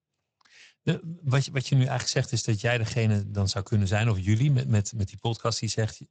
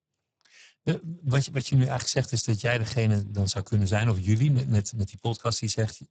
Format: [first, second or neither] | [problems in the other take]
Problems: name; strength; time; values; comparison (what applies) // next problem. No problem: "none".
first | garbled, watery; badly; nothing above 8 kHz; slightly in the first